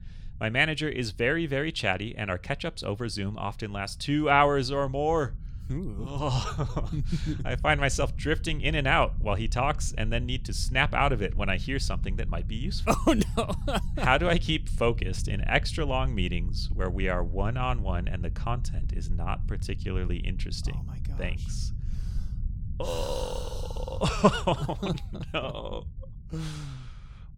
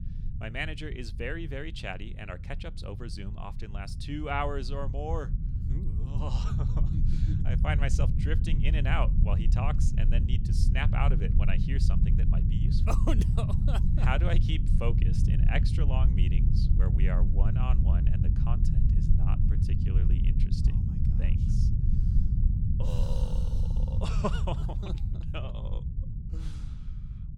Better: first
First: low rumble; faint; throughout; 25 dB below the speech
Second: low rumble; loud; throughout; 5 dB below the speech

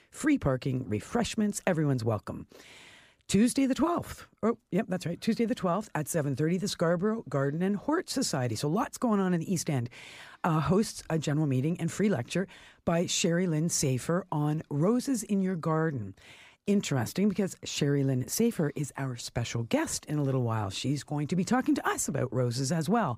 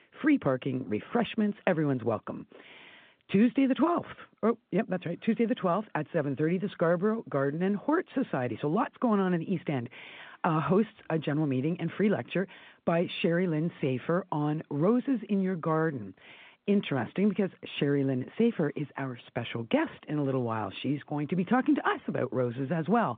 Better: first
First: none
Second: phone-call audio; nothing above 3.5 kHz

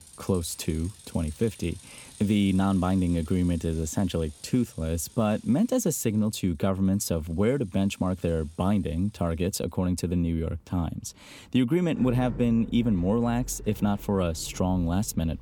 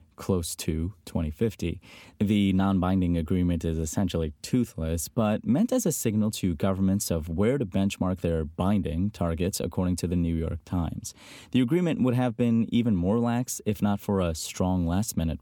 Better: second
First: traffic noise; noticeable; throughout; 20 dB below the speech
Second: none

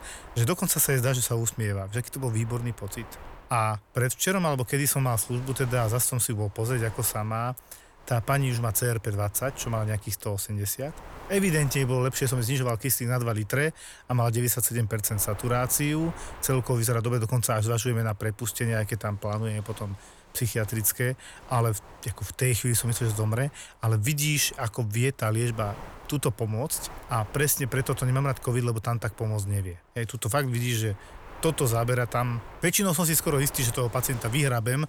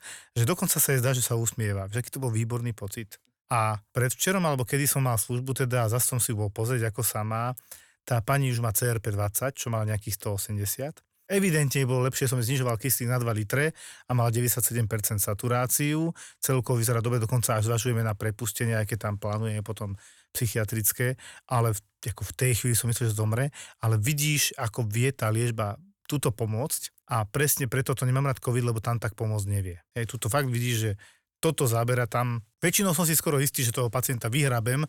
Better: second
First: wind noise on the microphone; occasional gusts; 15 dB below the speech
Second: none

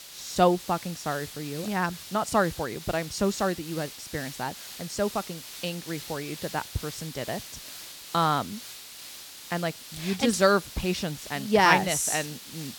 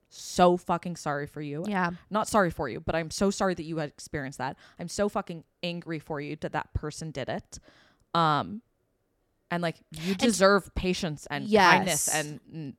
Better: second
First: hiss; noticeable; throughout; 10 dB below the speech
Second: none

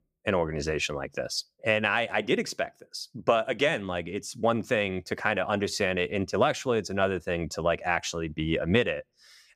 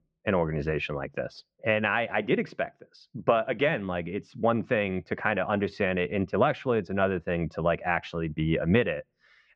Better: first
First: none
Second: muffled; very; fading above 2.5 kHz

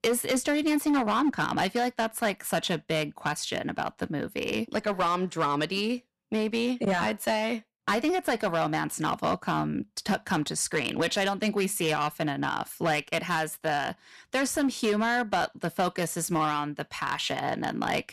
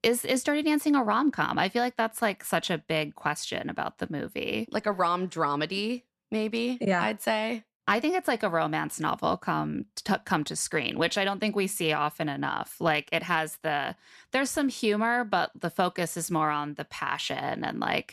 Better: second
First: distortion; slight; 7% of the sound clipped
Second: none

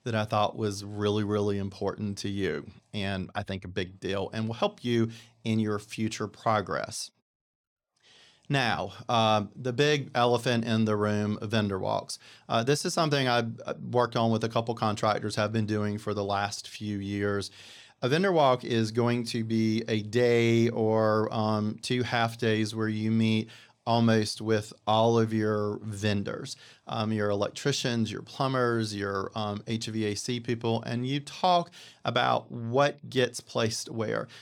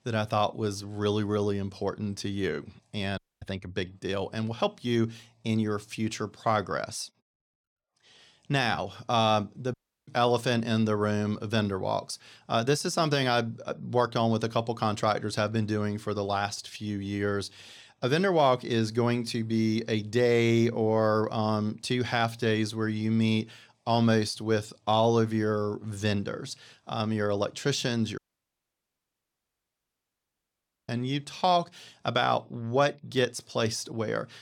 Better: first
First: none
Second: audio cutting out; at 3 s, at 9.5 s and at 28 s for 2.5 s

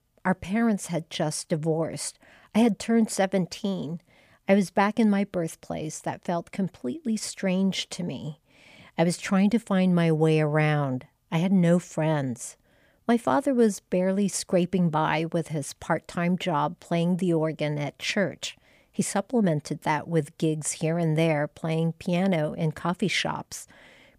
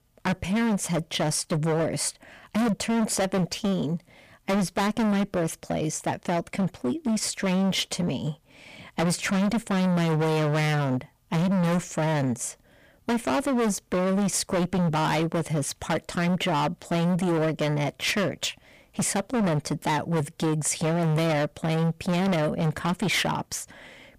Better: first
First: none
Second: distortion; heavy; 25% of the sound clipped

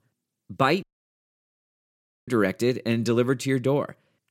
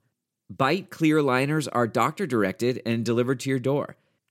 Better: second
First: audio cutting out; at 1 s for 1.5 s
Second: none

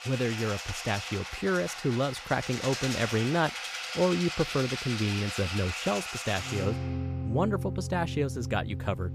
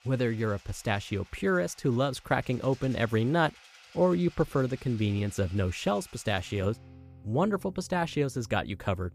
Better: second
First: background music; loud; throughout; 5 dB below the speech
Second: background music; faint; throughout; 25 dB below the speech

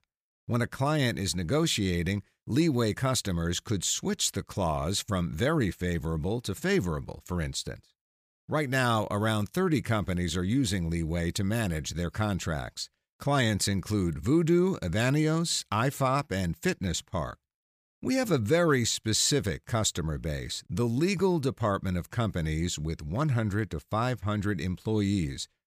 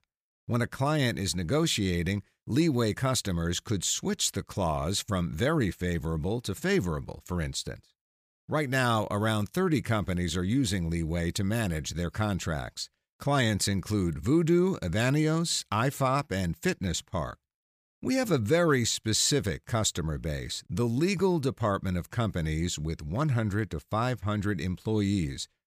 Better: neither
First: none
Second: none

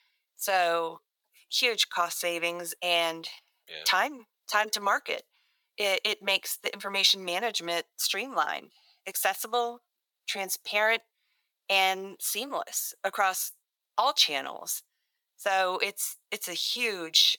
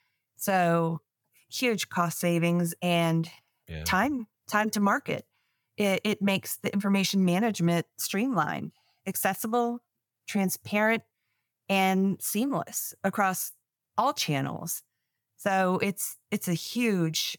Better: second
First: thin; very; fading below 450 Hz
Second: none

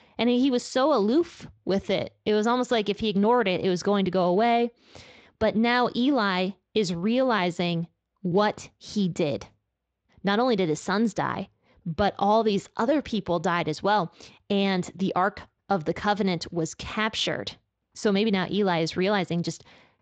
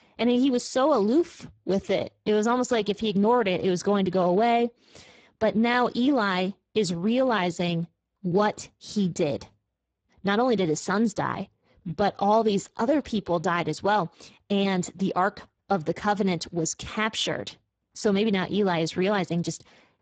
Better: first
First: garbled, watery; slightly; nothing above 7.5 kHz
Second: garbled, watery; badly; nothing above 7.5 kHz

